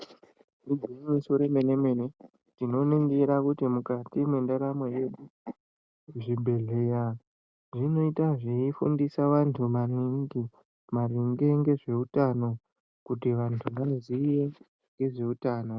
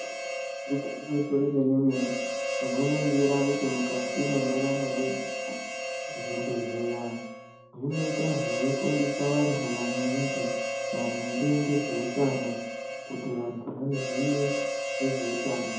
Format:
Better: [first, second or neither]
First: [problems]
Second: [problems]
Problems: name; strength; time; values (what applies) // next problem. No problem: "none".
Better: first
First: none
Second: background sound (Harmonica); 3 dB below the speech // room echo; dies away in 1.2 s